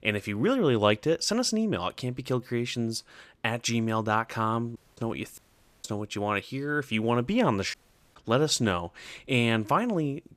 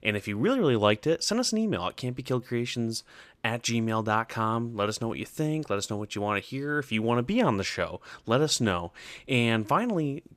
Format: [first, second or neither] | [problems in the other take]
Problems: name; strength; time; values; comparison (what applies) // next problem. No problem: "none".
second | audio cutting out; at 5 s, at 5.5 s and at 7.5 s